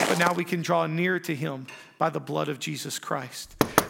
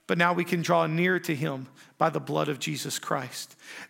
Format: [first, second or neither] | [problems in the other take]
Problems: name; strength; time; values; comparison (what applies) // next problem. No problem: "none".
second | footsteps; loud; at the start; peak 2 dB above the speech // clattering dishes; faint; at 1.5 s; peak 15 dB below the speech // door banging; very faint; at 3.5 s; peak 4 dB above the speech